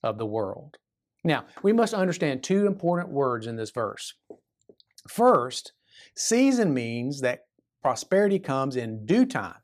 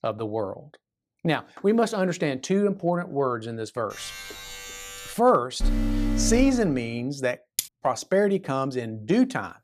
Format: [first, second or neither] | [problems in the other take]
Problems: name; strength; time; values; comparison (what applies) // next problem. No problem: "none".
first | alarm; faint; from 4 to 5 s; peak 10 dB below the speech // alarm; noticeable; from 5.5 to 6.5 s; peak 1 dB below the speech // clattering dishes; noticeable; at 7.5 s; peak 5 dB below the speech